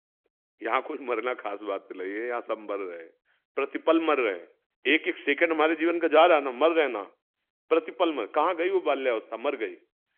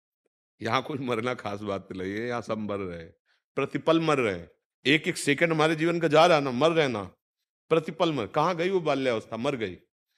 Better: second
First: phone-call audio; nothing above 3.5 kHz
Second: none

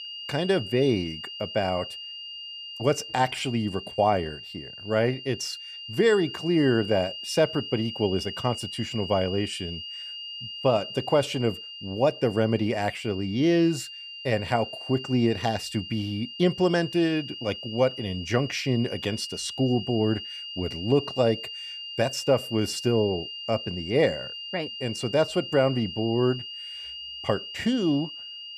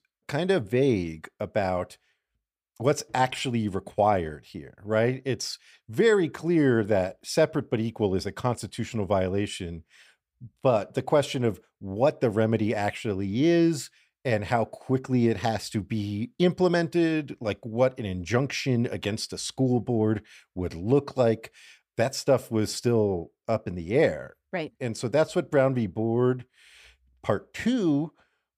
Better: second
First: high-pitched whine; loud; throughout; 3 kHz, 10 dB below the speech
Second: none

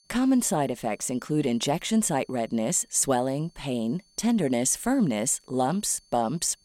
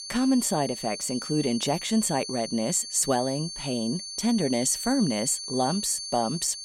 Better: first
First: high-pitched whine; faint; throughout; 4.5 kHz, 35 dB below the speech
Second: high-pitched whine; loud; throughout; 4.5 kHz, 8 dB below the speech

